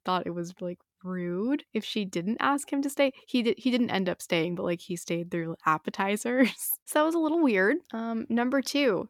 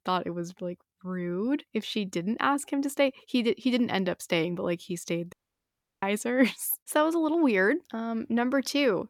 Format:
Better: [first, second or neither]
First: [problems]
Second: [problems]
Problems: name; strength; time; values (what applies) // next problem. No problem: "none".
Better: first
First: none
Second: audio cutting out; at 5.5 s for 0.5 s